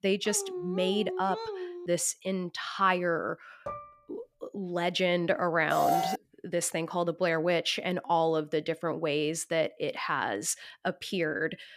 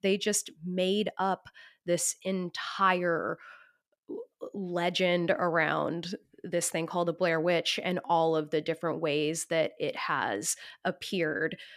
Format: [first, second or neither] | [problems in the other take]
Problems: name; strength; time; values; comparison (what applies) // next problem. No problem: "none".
second | dog barking; noticeable; until 2 s; peak 7 dB below the speech // clattering dishes; faint; at 3.5 s; peak 10 dB below the speech // alarm; loud; at 5.5 s; peak 3 dB above the speech